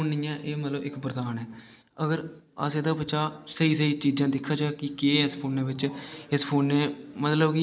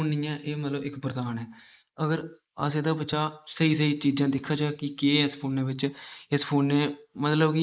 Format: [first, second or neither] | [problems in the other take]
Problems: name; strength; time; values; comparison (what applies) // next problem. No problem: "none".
first | noise reduction (neural mask model Resemble Enhance denoiser)